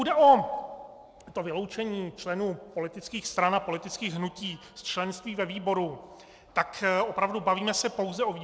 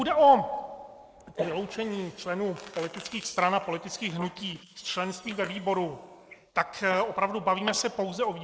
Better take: first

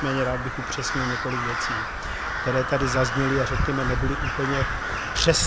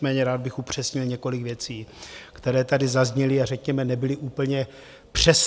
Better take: second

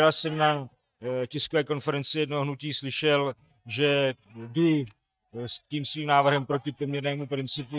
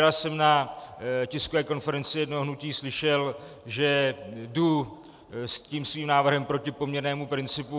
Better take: second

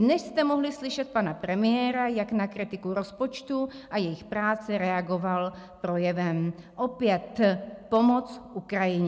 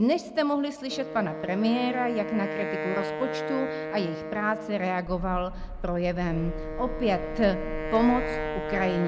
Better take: first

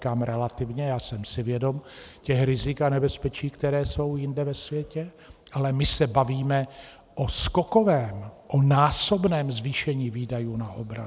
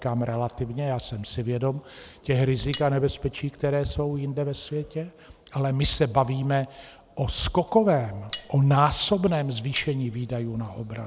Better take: first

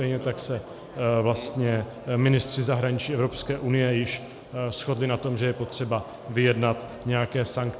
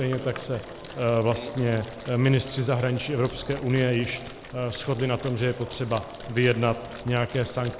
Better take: first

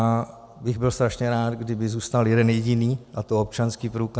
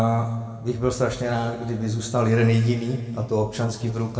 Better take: first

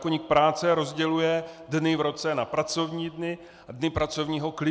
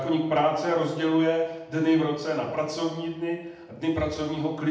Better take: first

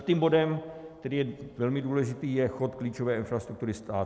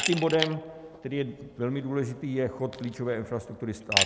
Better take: first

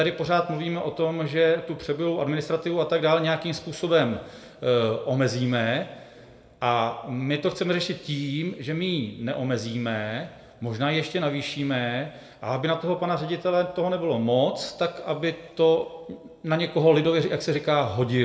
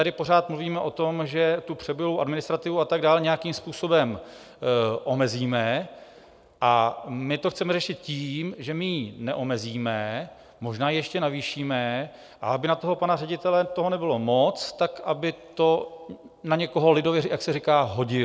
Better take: second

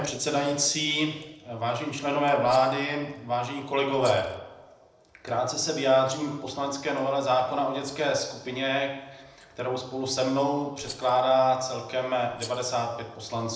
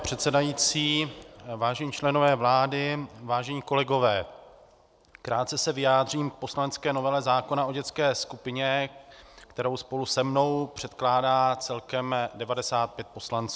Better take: second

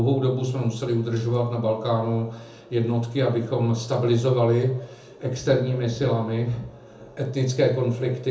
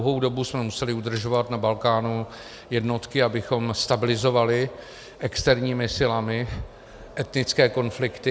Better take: second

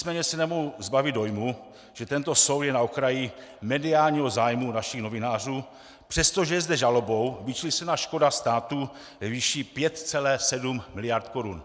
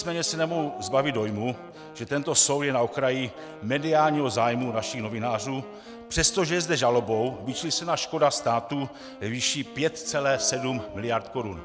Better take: first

